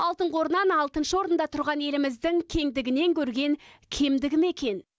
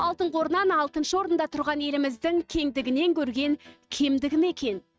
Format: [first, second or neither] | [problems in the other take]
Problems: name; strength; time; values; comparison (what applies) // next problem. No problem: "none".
first | noise reduction (neural mask model RNNoise)